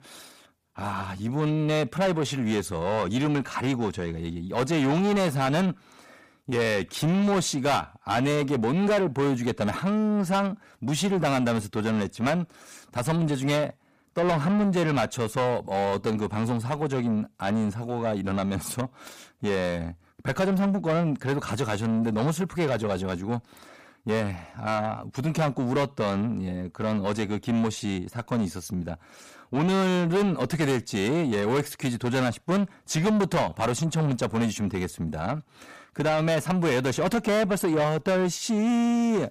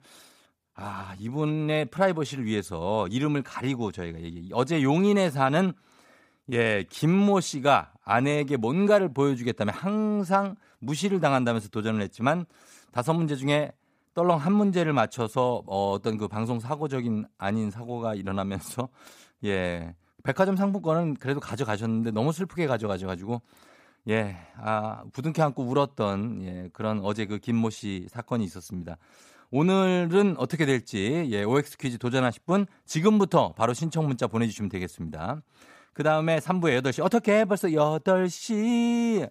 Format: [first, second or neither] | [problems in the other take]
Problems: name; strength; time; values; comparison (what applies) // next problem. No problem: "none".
second | distortion; heavy; 8 dB below the speech